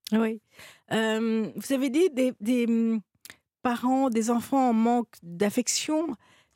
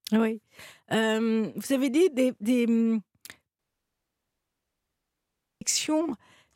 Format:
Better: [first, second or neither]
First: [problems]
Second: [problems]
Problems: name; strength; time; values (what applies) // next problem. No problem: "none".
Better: first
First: none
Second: audio cutting out; at 3.5 s for 2 s